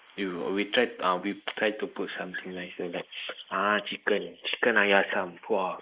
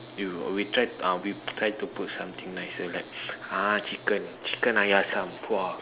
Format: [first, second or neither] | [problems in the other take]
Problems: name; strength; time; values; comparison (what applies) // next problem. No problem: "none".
second | noise reduction (neural mask model Resemble Enhance denoiser)